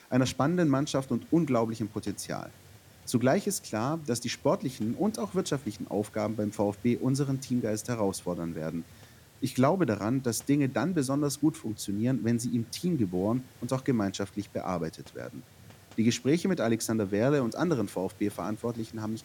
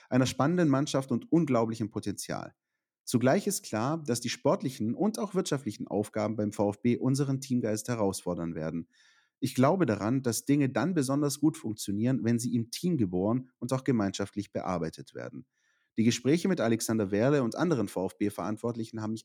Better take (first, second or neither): second